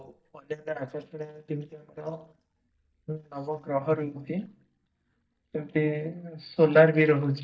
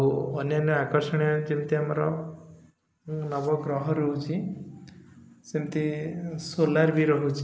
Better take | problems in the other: second | noise reduction (neural mask model DeepFilterNet 3)

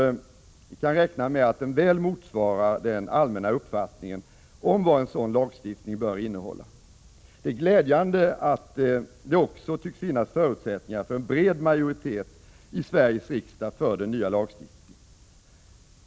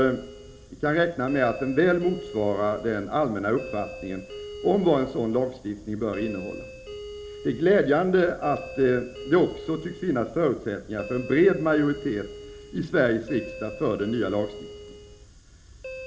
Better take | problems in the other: first | background sound (Doorbell); 15 dB below the speech // room echo; dies away in 1.5 s

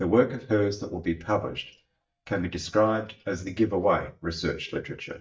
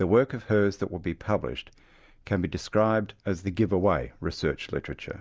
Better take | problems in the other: second | noise reduction (neural mask model DeepFilterNet 3)

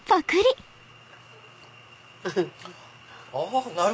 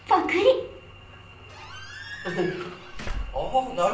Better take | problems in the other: first | background sound (Squeak / Slam / Alarm / Wood); 11 dB below the speech // room echo; dies away in 0.6 s

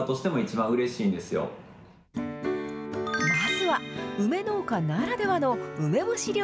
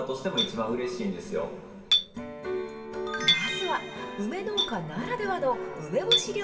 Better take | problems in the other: first | background sound (Chink, clink); 2 dB below the speech // room echo; dies away in 2.5 s

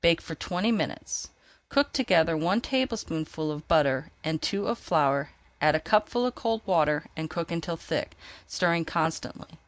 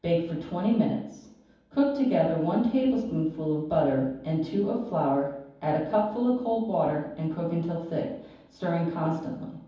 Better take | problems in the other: first | room echo; dies away in 0.9 s

